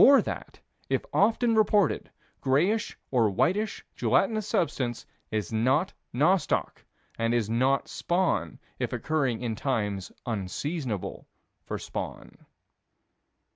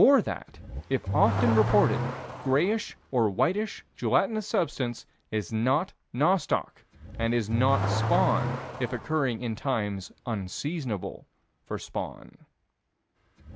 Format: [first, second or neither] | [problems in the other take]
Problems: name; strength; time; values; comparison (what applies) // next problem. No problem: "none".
first | background sound (Accelerating, revving, vroom / Car); 7 dB below the speech